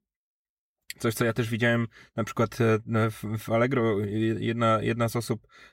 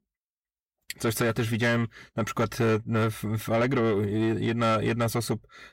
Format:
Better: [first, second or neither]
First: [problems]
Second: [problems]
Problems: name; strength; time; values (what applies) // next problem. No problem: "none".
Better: first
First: none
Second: distortion; slight; 10 dB below the speech